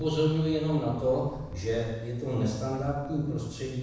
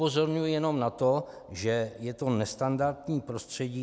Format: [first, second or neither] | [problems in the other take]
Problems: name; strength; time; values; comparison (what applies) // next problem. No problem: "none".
second | background sound (Wind); 17 dB below the speech // room echo; dies away in 1.1 s